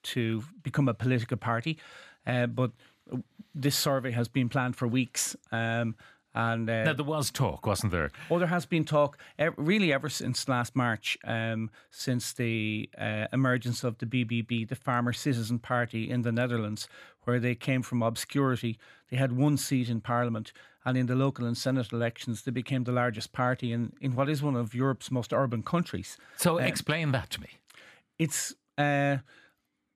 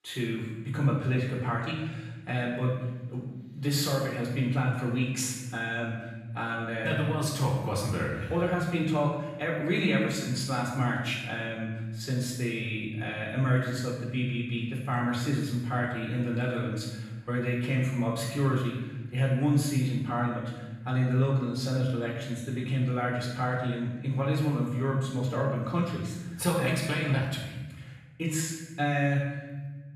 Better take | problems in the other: first | off-mic speech; far // room echo; noticeable; dies away in 1.1 s

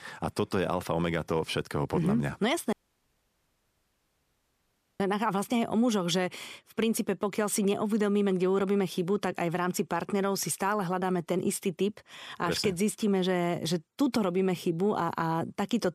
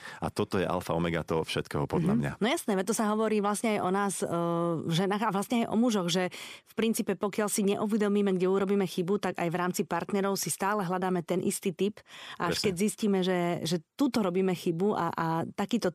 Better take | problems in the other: second | audio cutting out; at 2.5 s for 2.5 s

